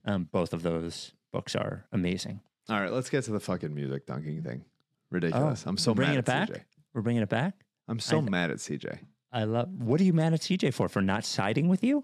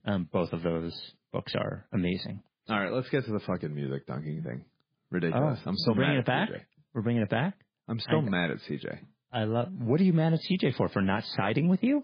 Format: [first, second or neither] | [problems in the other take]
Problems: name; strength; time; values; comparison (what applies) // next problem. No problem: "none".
first | garbled, watery; badly; nothing above 4.5 kHz